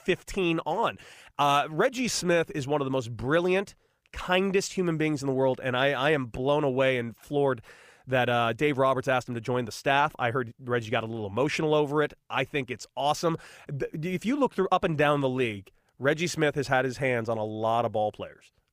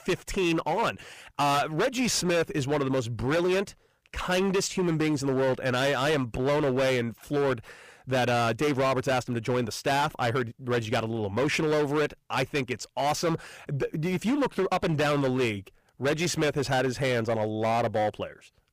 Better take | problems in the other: first | distortion; heavy; 17% of the sound clipped

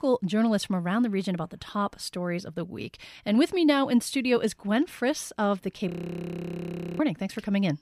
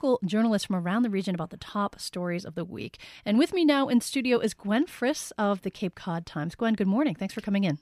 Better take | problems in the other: second | audio freezing; at 6 s for 1 s

